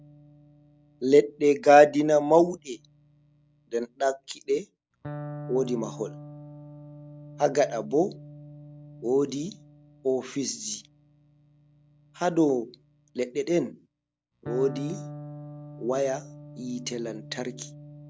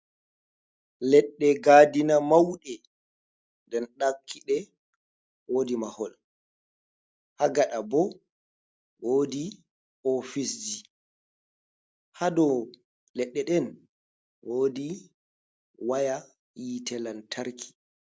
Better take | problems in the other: second | background sound (Electric guitar); 17 dB below the speech

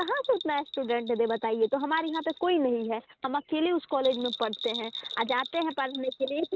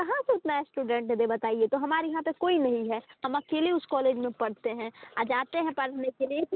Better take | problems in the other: second | noise reduction (neural mask model RNNoise)

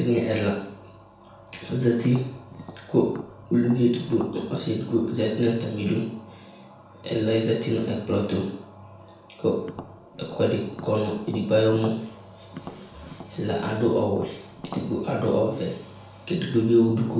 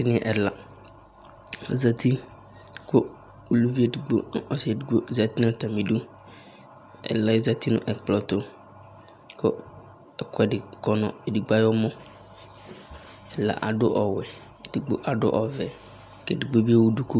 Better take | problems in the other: second | background sound (Tap); 16 dB below the speech // room echo; dies away in 0.6 s

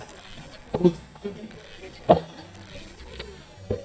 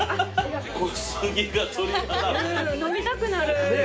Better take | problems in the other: second | noise reduction (neural mask model DeepFilterNet 3)

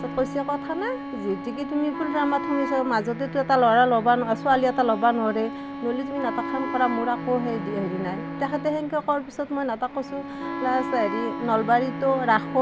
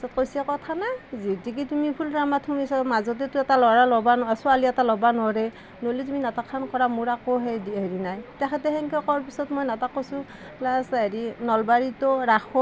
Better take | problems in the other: second | background sound (Bowed string instrument + Wind instrument, woodwind instrument); 8 dB below the speech

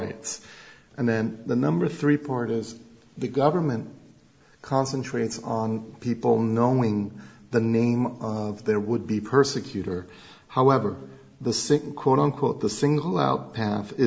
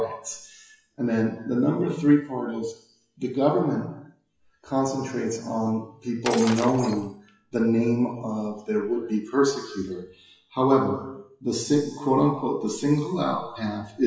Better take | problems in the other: first | noise reduction (classical method WPE with log-MMSE)

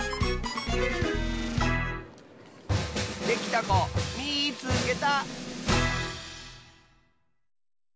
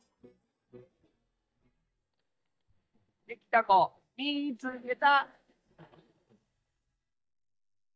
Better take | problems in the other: first | noise reduction (neural mask model DeepFilterNet 3)

